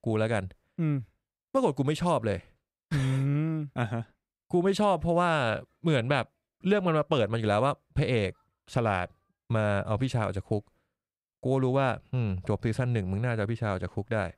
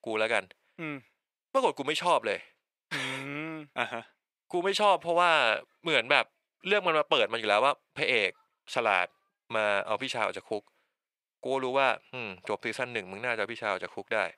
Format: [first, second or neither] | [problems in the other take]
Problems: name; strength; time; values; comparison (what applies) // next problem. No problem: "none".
first | thin; very; fading below 450 Hz